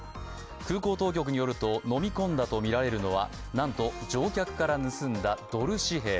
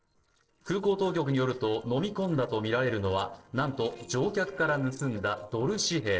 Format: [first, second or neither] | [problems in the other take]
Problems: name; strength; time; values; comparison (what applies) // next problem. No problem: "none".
first | noise reduction (neural separator model SepFormer DNS4)